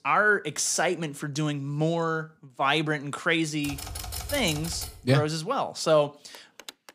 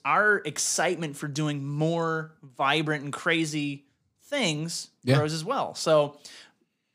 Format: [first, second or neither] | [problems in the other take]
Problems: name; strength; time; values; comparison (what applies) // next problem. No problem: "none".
second | keyboard typing; noticeable; from 3.5 to 5 s; peak 7 dB below the speech // phone ringing; faint; at 6.5 s; peak 20 dB below the speech